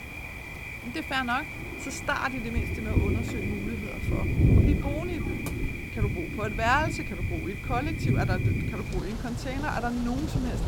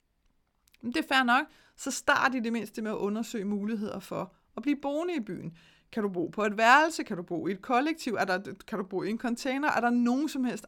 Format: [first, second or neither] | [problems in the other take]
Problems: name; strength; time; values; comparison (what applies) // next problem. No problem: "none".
second | rain or running water; very loud; throughout; 2 dB above the speech